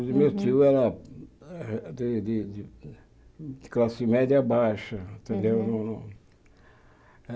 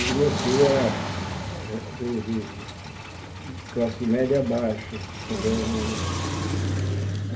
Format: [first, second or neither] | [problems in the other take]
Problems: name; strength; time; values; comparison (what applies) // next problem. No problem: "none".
first | background sound (Car); 3 dB below the speech // room echo; dies away in 0.3 s